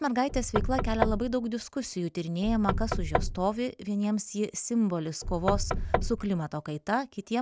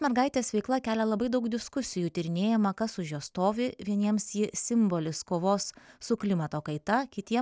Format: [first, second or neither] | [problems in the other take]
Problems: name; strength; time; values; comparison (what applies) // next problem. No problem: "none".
second | background sound (Knock / Wood); 1 dB below the speech